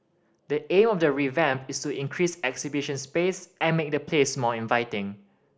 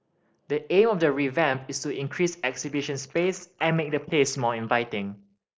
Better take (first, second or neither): first